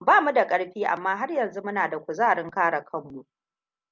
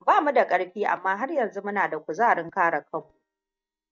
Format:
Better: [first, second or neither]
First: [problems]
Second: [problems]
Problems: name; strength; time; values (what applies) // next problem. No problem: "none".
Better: first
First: none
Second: noise reduction (neural mask model DeepFilterNet 3)